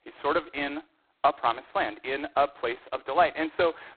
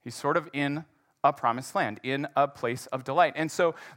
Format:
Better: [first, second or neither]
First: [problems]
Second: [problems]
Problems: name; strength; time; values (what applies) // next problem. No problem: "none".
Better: second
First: phone-call audio; poor line; nothing above 4 kHz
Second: none